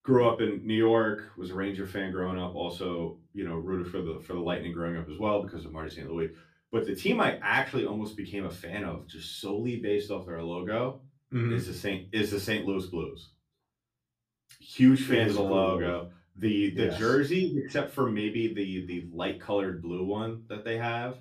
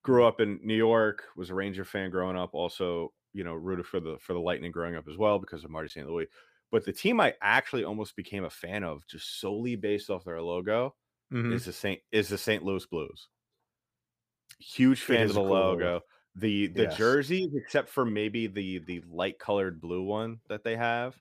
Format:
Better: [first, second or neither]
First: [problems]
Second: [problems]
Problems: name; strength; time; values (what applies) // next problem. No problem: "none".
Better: second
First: off-mic speech; far // room echo; very slight; dies away in 0.3 s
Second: none